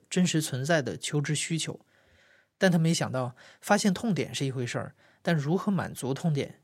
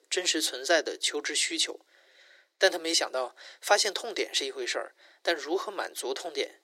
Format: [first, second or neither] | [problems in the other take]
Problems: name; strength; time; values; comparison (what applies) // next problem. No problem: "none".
first | thin; very; fading below 350 Hz